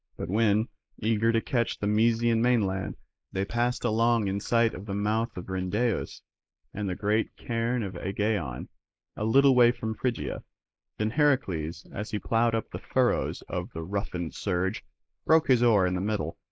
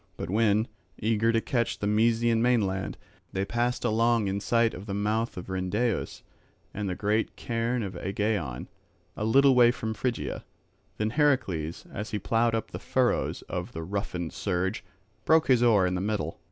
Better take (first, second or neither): second